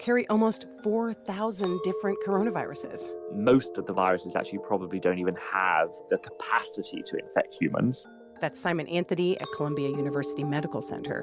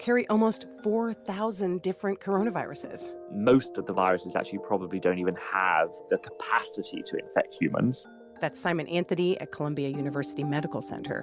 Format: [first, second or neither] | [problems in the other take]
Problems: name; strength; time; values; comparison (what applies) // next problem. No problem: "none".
second | background sound (Chink, clink); 13 dB below the speech